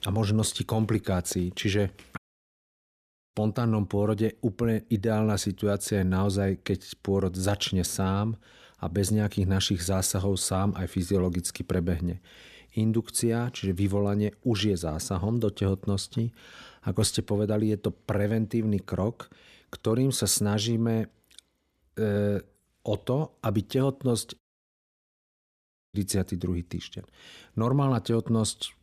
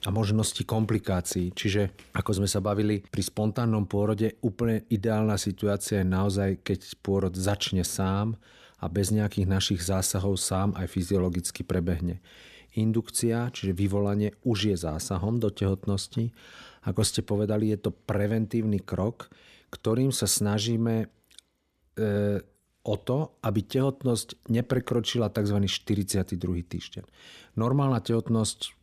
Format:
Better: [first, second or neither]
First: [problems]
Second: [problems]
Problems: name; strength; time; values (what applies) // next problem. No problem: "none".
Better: second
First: audio cutting out; at 2 s for 1 s and at 24 s for 1.5 s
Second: none